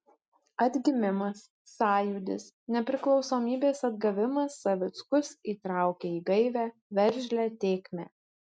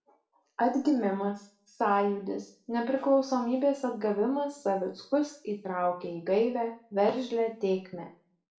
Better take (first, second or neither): first